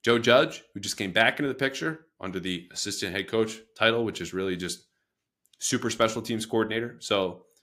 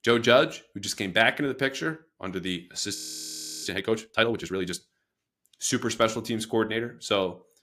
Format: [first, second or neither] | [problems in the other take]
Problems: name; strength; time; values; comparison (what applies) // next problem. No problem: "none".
first | audio freezing; at 3 s for 0.5 s